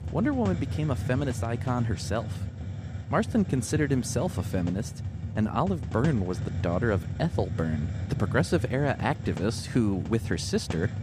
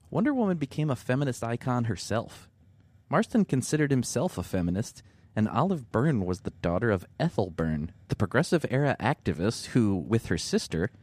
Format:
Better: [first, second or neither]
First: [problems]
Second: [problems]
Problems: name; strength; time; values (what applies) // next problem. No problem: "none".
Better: second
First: hiss; loud; throughout; 6 dB below the speech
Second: hiss; faint; throughout; 30 dB below the speech